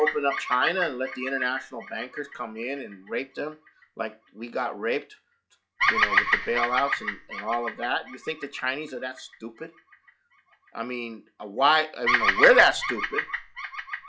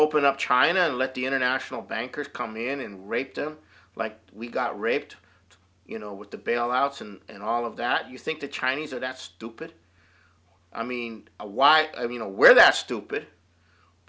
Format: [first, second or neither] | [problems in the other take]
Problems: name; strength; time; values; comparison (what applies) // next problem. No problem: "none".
second | noise reduction (classical method log-MMSE)